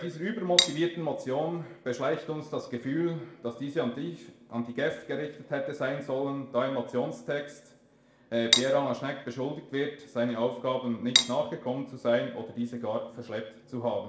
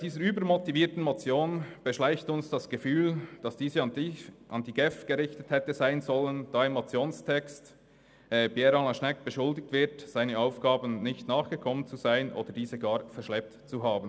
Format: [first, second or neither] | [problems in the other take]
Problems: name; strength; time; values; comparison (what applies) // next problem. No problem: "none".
second | background sound (Cutlery, silverware); 3 dB above the speech // room echo; dies away in 0.5 s